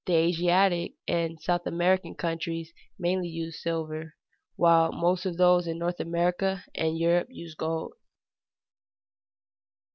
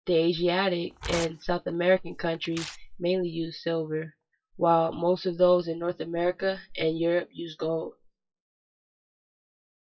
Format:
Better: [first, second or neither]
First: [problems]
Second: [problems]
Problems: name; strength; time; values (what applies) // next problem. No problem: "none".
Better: first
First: none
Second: noise reduction (classical method WPE with log-MMSE)